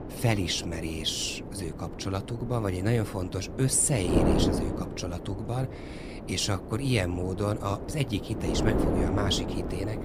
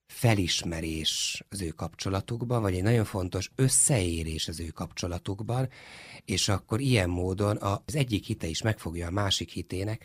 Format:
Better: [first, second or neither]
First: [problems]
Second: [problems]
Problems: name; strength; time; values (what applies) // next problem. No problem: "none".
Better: second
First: wind noise on the microphone; heavy; 4 dB below the speech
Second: none